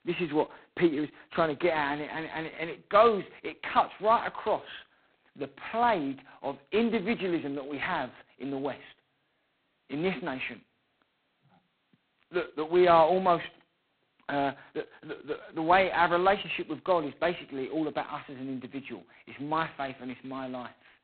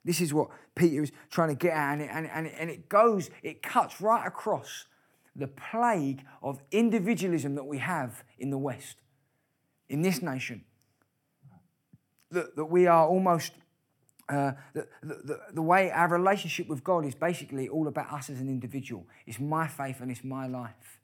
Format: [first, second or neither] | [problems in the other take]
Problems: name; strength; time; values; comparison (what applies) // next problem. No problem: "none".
second | phone-call audio; poor line; nothing above 4 kHz